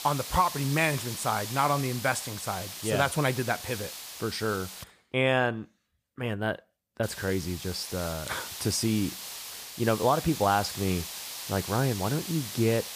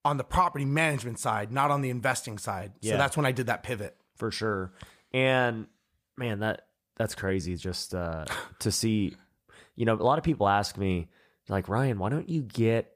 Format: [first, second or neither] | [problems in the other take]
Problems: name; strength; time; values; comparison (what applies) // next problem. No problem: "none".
second | hiss; loud; until 5 s and from 7 s on; 8 dB below the speech